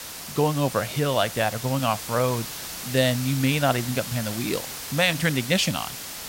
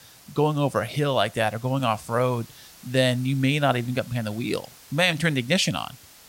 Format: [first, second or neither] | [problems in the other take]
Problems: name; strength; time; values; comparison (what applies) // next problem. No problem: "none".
second | hiss; loud; throughout; 8 dB below the speech; faint in the second